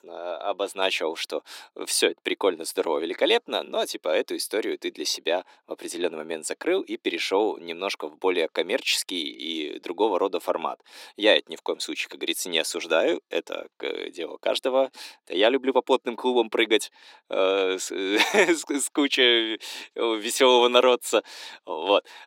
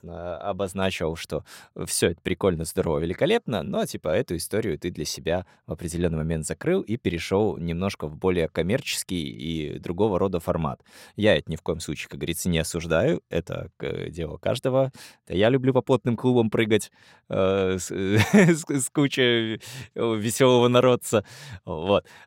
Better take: second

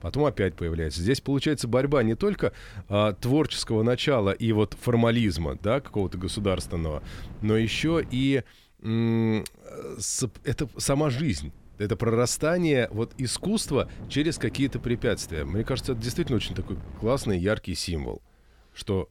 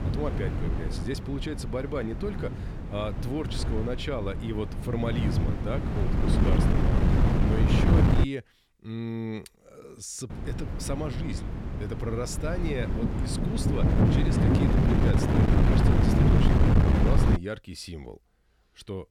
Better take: first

